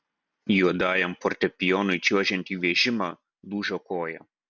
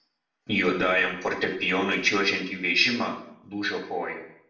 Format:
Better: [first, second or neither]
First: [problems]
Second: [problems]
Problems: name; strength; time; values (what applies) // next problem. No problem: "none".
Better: first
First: none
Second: room echo; dies away in 0.6 s